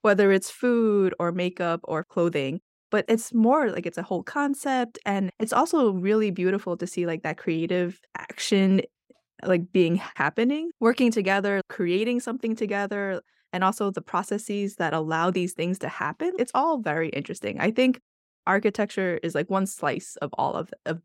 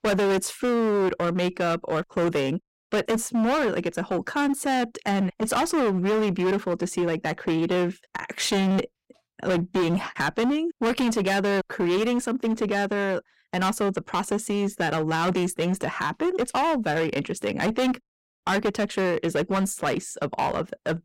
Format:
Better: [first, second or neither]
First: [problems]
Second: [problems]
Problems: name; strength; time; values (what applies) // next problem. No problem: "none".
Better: first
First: none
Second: distortion; heavy; 19% of the sound clipped